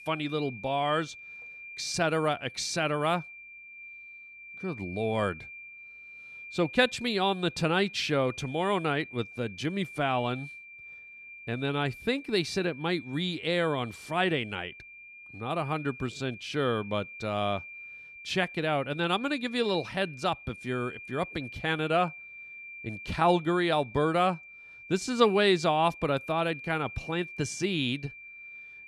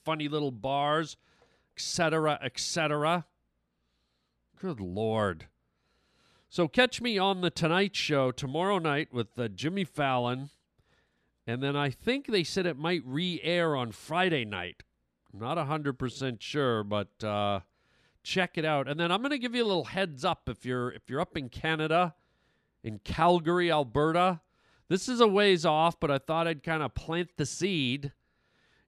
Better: second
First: high-pitched whine; noticeable; throughout; 2.5 kHz, 15 dB below the speech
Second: none

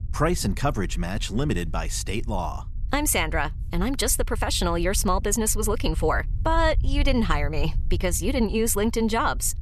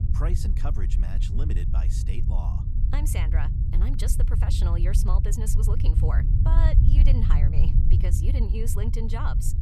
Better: first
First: low rumble; faint; throughout; 25 dB below the speech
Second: low rumble; loud; throughout; 2 dB below the speech

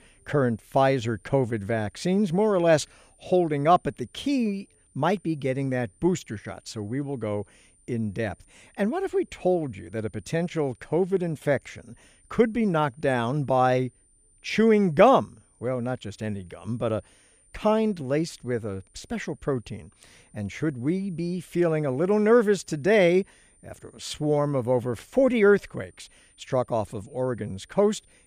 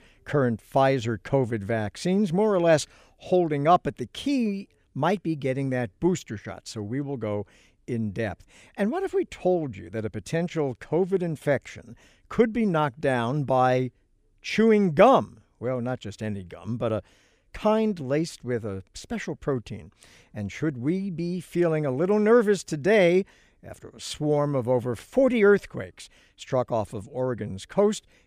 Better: second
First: high-pitched whine; faint; throughout; 9 kHz, 35 dB below the speech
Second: none

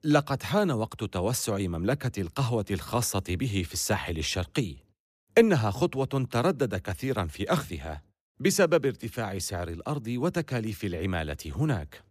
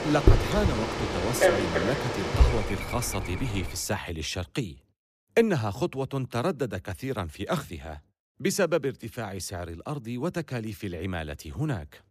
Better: first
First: none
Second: animal sounds; very loud; until 3.5 s; 3 dB above the speech

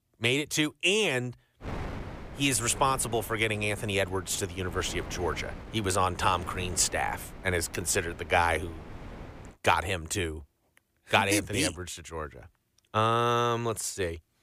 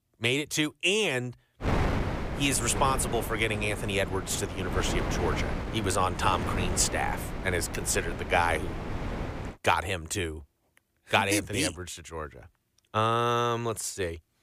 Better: first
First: wind noise on the microphone; occasional gusts; from 1.5 to 9.5 s; 20 dB below the speech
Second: wind noise on the microphone; heavy; from 1.5 to 9.5 s; 8 dB below the speech

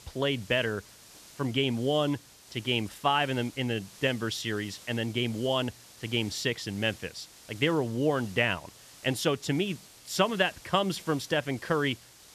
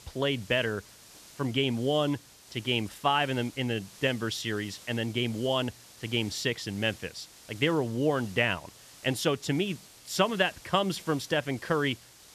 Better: neither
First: hiss; faint; throughout; 20 dB below the speech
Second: hiss; faint; throughout; 20 dB below the speech

